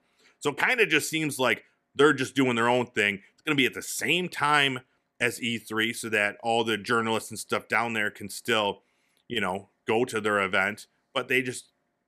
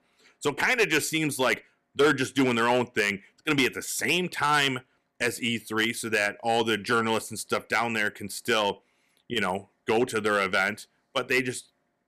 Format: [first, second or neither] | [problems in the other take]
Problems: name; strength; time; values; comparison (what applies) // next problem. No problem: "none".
first | distortion; slight; 3% of the sound clipped